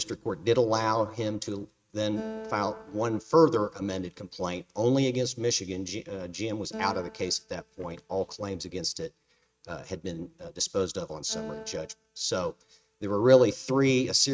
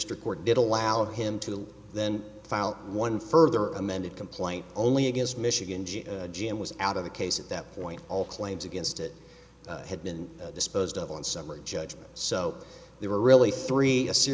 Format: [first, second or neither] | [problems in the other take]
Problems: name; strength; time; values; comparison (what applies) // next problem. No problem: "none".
second | noise reduction (neural mask model RNNoise)